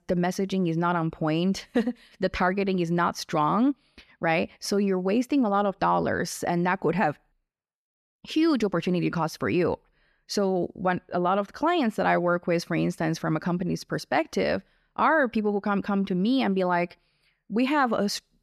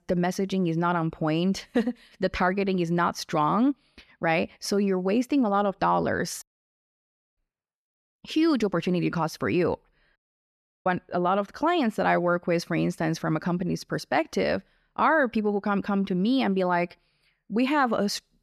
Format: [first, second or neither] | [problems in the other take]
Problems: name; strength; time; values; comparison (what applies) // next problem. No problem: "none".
first | audio cutting out; at 6.5 s for 1 s and at 10 s for 0.5 s